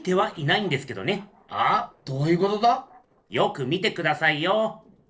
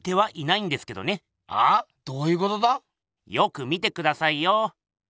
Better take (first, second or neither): second